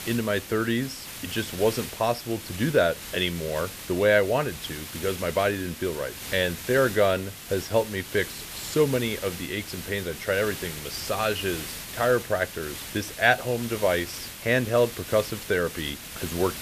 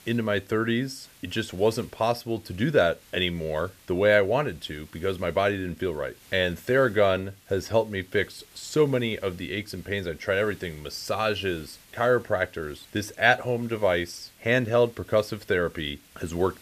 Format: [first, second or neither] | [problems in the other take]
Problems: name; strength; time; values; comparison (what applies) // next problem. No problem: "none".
second | hiss; loud; throughout; 10 dB below the speech; faint in the second